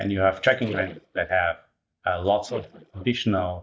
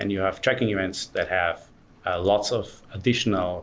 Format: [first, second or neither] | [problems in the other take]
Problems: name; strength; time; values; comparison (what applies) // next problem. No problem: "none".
second | noise reduction (neural mask model DeepFilterNet 3)